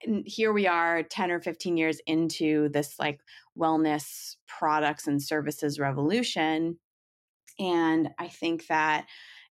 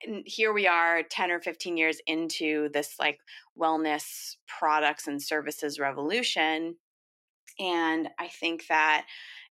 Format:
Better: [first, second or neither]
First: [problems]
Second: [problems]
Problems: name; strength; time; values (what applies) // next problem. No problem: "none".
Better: first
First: none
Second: thin; somewhat; fading below 400 Hz